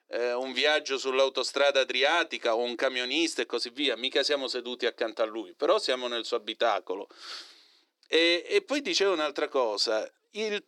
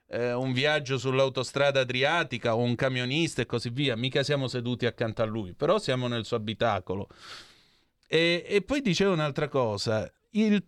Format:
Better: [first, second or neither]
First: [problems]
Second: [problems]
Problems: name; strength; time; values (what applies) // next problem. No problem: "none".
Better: second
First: thin; somewhat; fading below 300 Hz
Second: none